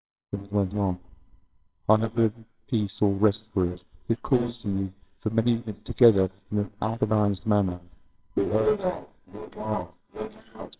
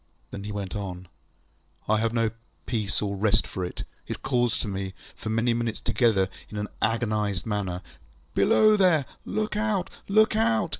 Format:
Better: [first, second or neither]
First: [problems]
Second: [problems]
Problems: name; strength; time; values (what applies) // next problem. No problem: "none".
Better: second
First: noise reduction (neural separator model SepFormer WHAMR!)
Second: none